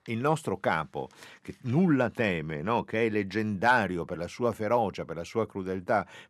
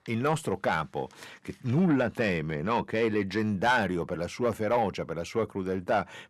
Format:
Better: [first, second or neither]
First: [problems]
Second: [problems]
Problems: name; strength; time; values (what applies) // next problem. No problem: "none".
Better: first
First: none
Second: distortion; slight; 10 dB below the speech